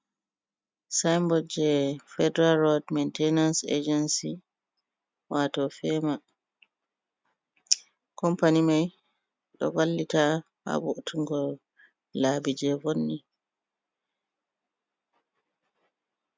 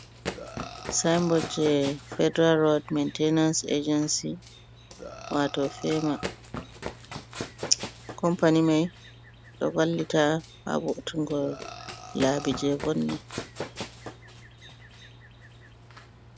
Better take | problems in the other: first | background sound (Burping, eructation + Run); 13 dB below the speech

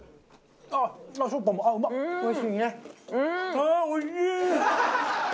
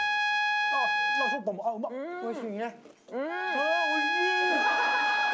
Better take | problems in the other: first | background sound (Trumpet); 4 dB above the speech

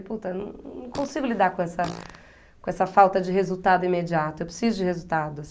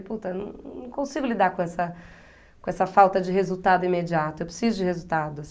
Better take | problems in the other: second | background sound (Fart); 18 dB below the speech

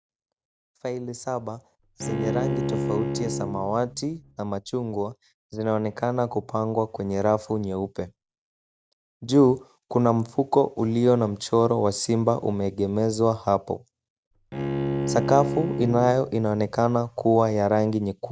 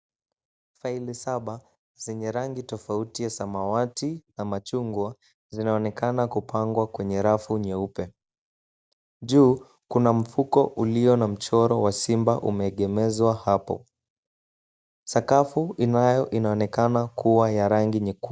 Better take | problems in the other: second | background sound (Bowed string instrument); 5 dB below the speech

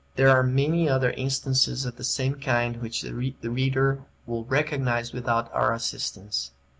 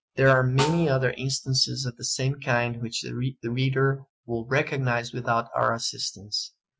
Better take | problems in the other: first | noise reduction (classical method Wiener filter)

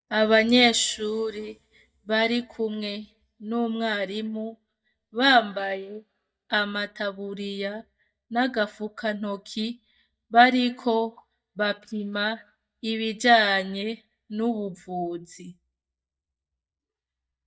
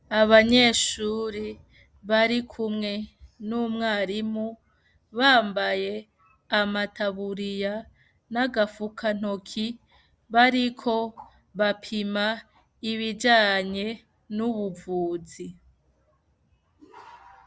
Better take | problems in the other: second | noise reduction (neural mask model DeepFilterNet 3)

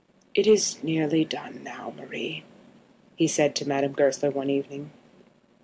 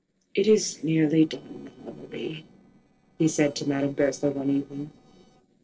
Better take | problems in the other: first | noise reduction (neural separator model SepFormer DNS4)

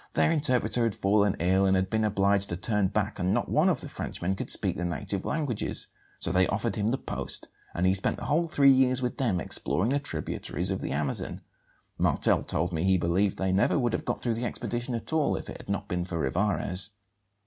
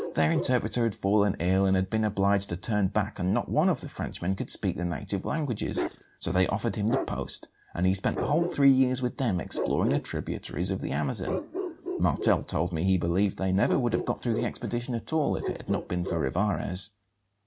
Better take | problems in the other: first | background sound (Bark); 11 dB below the speech

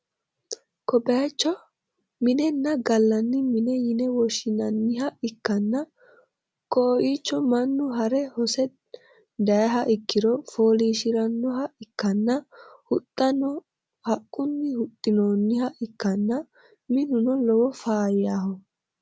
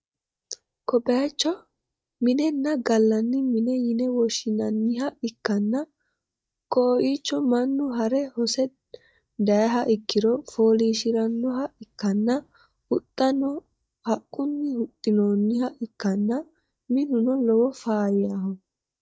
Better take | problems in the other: first | noise reduction (neural mask model DeepFilterNet 3)

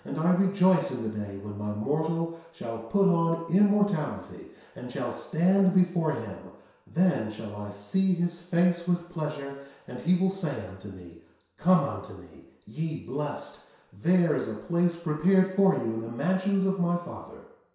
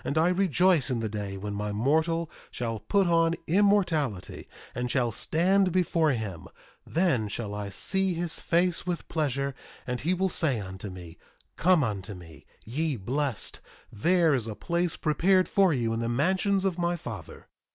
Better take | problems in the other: second | room echo; dies away in 0.7 s

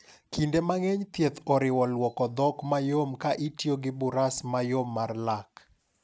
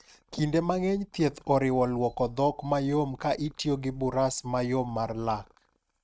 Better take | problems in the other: first | noise reduction (neural mask model RNNoise)

